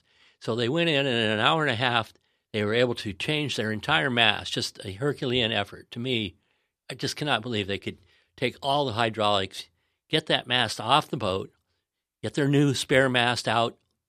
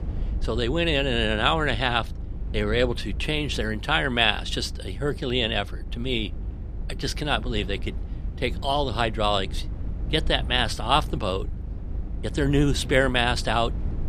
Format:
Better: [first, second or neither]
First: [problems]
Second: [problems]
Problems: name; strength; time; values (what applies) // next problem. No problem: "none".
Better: first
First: none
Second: low rumble; faint; throughout; 20 dB below the speech